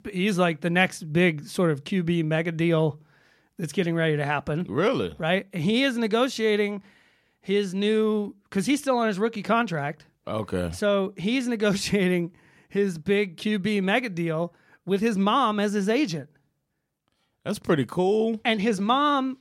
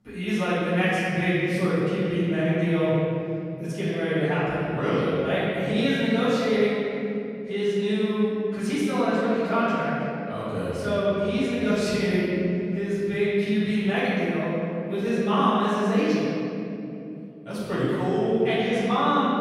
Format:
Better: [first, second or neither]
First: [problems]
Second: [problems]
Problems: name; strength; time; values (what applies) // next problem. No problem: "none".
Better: first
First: none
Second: off-mic speech; far // room echo; strong; dies away in 3 s